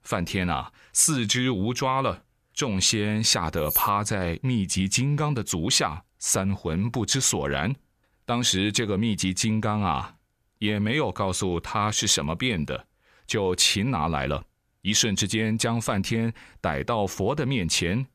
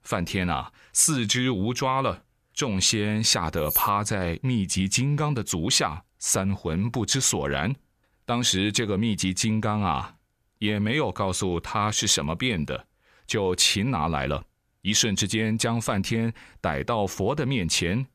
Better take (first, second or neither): neither